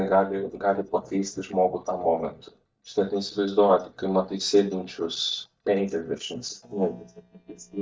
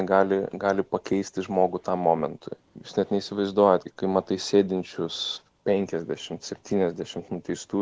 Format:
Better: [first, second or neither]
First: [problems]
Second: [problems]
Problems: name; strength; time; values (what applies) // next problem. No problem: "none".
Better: second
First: noise reduction (neural mask model DeepFilterNet 3)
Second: none